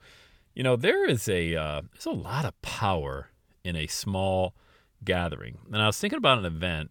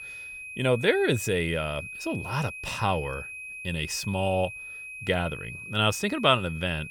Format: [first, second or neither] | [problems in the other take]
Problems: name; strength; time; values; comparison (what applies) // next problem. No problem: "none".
first | high-pitched whine; noticeable; throughout; 2.5 kHz, 10 dB below the speech